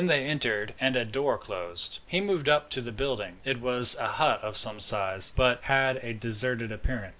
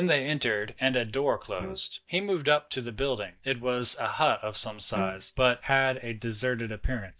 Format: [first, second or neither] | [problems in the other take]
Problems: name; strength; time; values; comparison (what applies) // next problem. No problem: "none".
first | noise reduction (neural mask model DeepFilterNet 3)